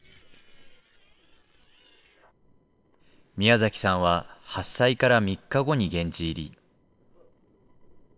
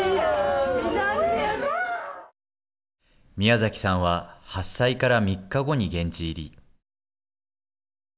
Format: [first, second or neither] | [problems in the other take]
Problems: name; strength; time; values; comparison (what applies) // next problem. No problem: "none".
second | noise reduction (neural separator model SepFormer WHAM!)